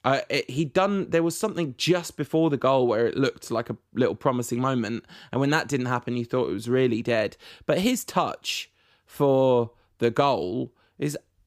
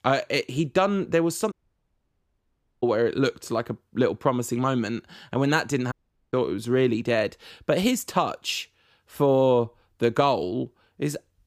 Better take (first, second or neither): first